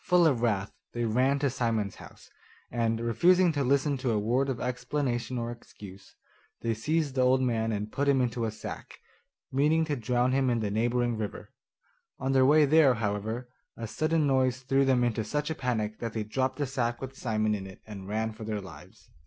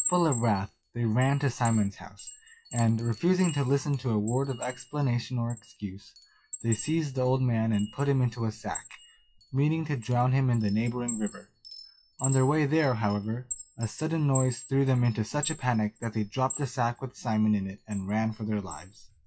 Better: first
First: none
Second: noise reduction (classical method WPE with log-MMSE)

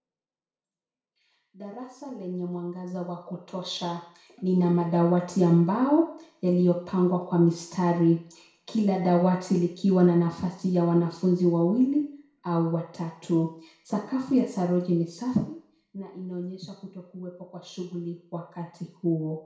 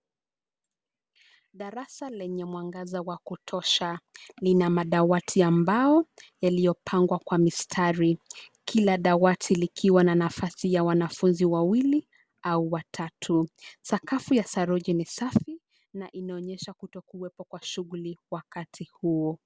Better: second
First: room echo; dies away in 0.6 s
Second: none

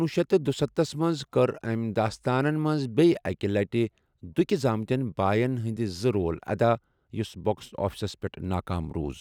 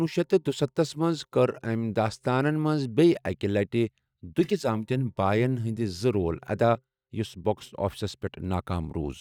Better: first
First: none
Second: noise reduction (neural mask model DeepFilterNet 3)

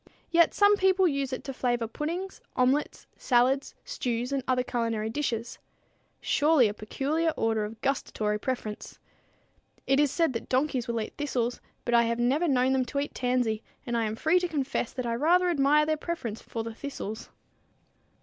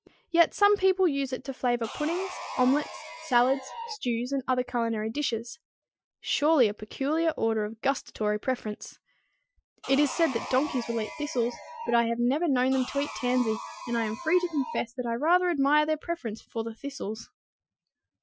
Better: first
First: none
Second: noise reduction (classical method Wiener filter)

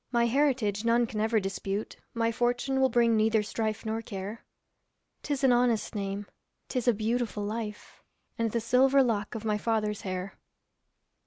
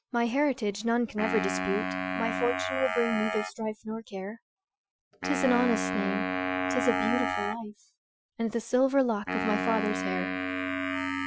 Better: first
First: none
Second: noise reduction (classical method Wiener filter)

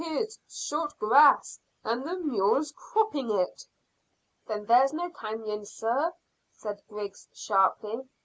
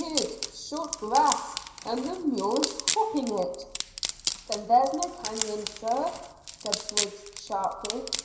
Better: first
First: none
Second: background sound (Wood); 5 dB below the speech // room echo; dies away in 0.9 s

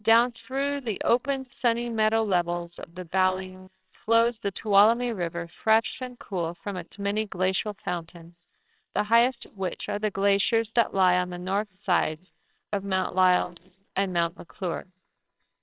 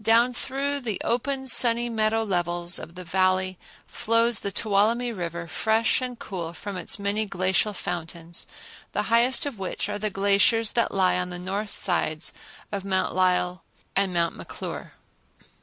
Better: second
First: noise reduction (neural separator model SepFormer WHAMR!)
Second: none

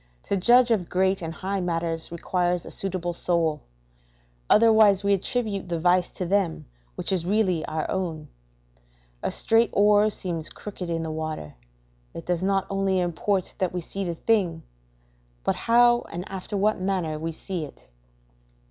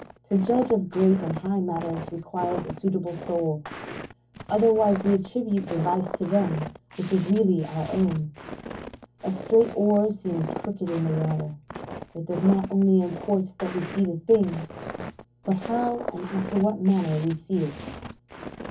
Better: first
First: none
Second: background sound (Walk, footsteps); 12 dB below the speech // room echo; dies away in 0.3 s

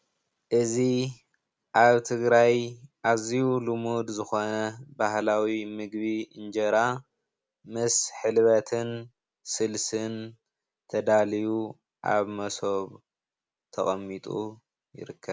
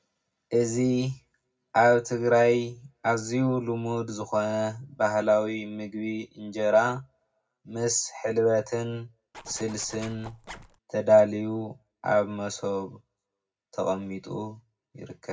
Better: first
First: none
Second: background sound (Zipper (clothing)); 18 dB below the speech // room echo; dies away in 0.3 s

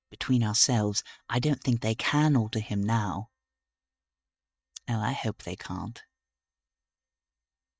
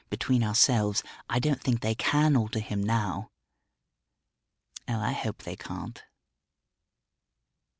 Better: second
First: noise reduction (neural mask model DeepFilterNet 3)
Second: none

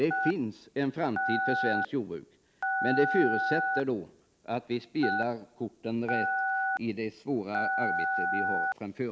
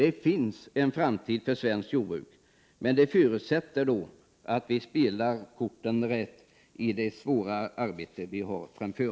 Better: second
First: background sound (Telephone); 1 dB above the speech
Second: none

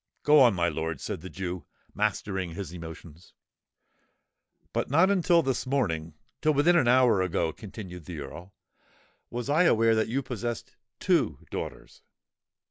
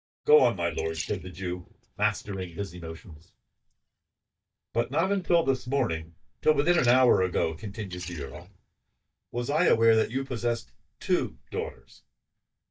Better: first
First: none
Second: noise reduction (neural mask model DeepFilterNet 3)

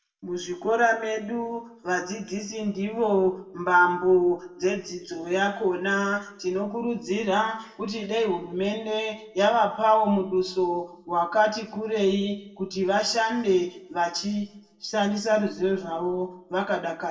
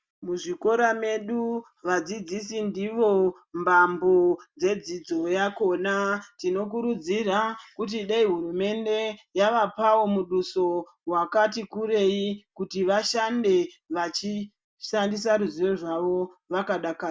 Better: second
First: room echo; dies away in 0.6 s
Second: none

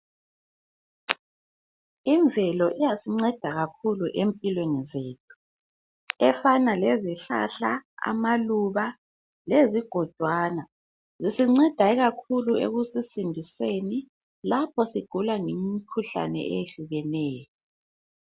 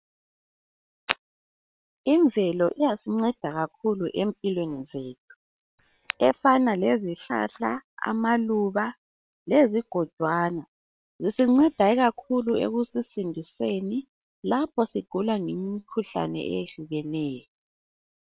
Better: first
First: none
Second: noise reduction (neural separator model SepFormer WHAM!)

